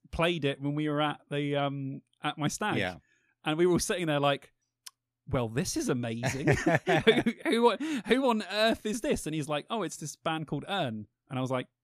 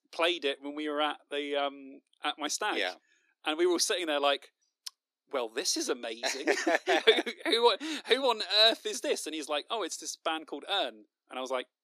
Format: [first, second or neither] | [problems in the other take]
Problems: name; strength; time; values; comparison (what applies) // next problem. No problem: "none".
first | thin; somewhat; fading below 300 Hz